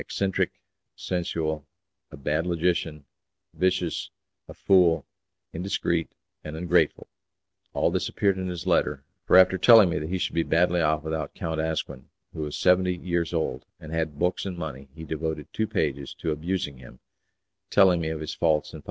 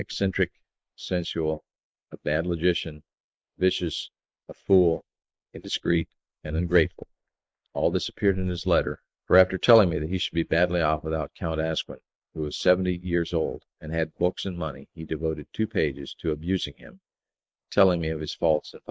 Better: first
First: none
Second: noise reduction (neural mask model Resemble Enhance denoiser)

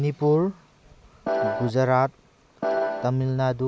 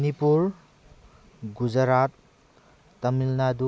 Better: second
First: background sound (Piano); as loud as the speech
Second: none

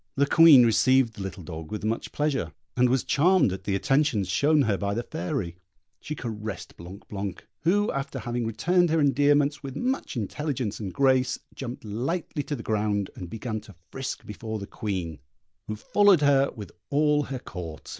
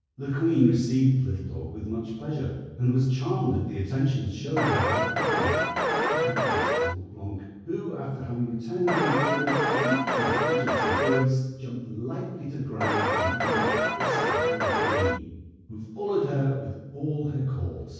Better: first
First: none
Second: background sound (Alarm); 3 dB above the speech // room echo; dies away in 1.3 s

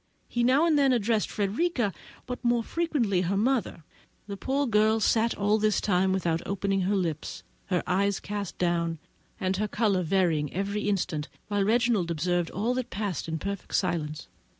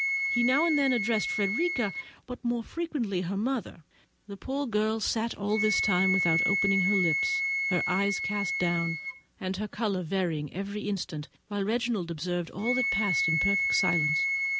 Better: first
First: none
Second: background sound (Wind instrument, woodwind instrument); 1 dB below the speech

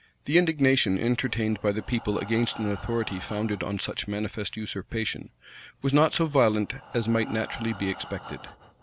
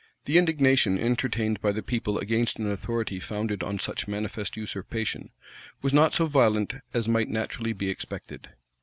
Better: second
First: background sound (Breathing); 19 dB below the speech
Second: none

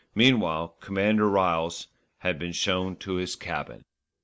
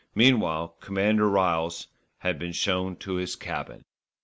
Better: second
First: noise reduction (neural mask model Resemble Enhance denoiser)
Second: none

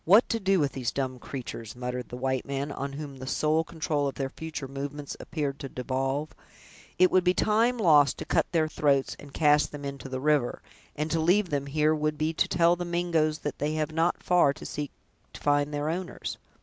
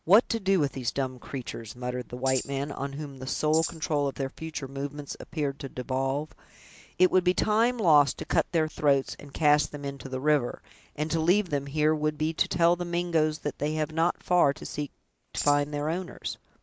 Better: first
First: none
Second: noise reduction (neural mask model Resemble Enhance denoiser)

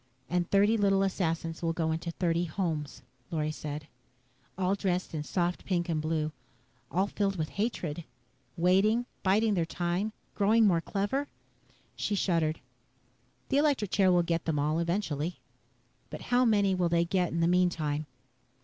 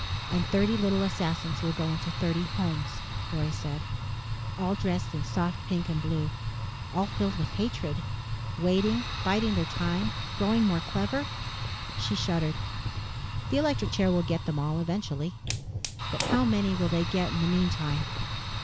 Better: first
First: none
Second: background sound (Fire); 3 dB below the speech

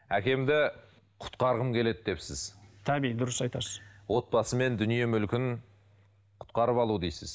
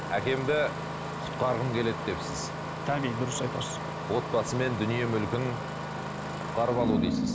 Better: first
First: none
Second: background sound (Engine starting); 2 dB below the speech

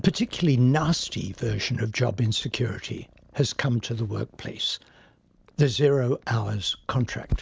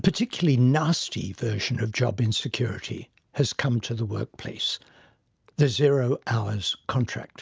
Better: second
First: background sound (Purr); 16 dB below the speech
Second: none

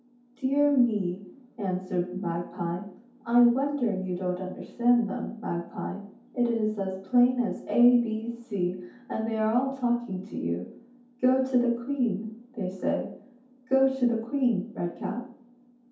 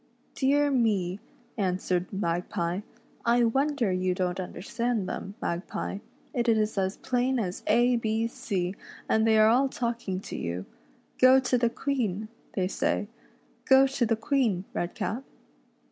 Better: second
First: room echo; dies away in 0.6 s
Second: none

